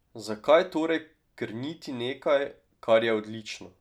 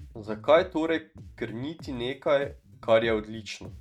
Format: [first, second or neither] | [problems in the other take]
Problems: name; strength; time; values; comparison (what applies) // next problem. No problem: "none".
first | noise reduction (neural mask model RNNoise)